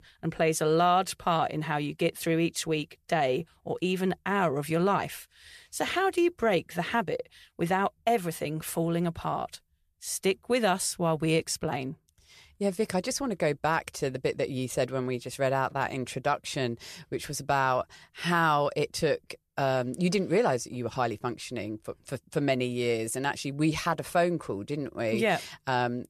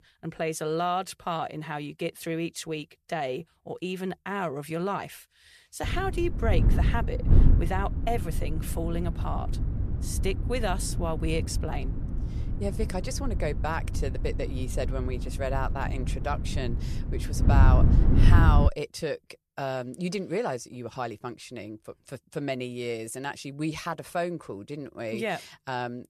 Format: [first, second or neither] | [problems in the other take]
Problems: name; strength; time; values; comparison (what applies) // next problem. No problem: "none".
first | wind noise on the microphone; heavy; from 6 to 19 s; 8 dB below the speech